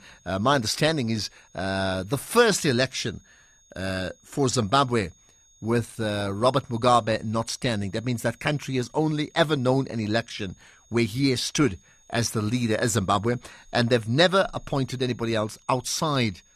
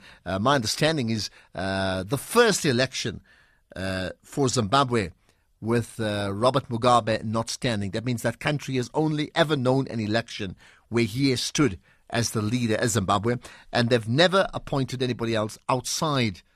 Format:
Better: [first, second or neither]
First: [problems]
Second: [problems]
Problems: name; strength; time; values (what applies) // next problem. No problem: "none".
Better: second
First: high-pitched whine; faint; throughout; 6.5 kHz, 30 dB below the speech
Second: none